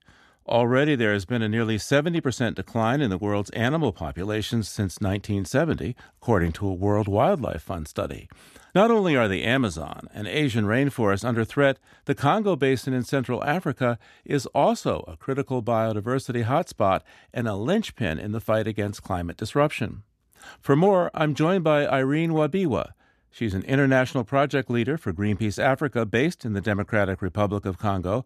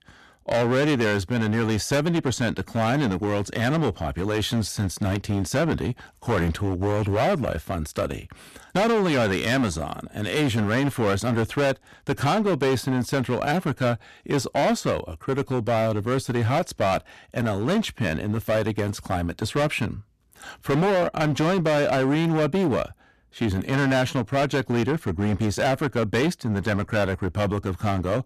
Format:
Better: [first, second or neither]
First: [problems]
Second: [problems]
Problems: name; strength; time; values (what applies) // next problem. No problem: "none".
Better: first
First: none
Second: distortion; heavy; 16% of the sound clipped